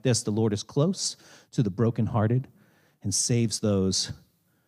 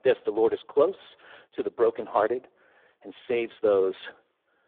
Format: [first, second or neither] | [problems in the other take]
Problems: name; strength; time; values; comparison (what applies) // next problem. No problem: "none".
first | phone-call audio; poor line; nothing above 3.5 kHz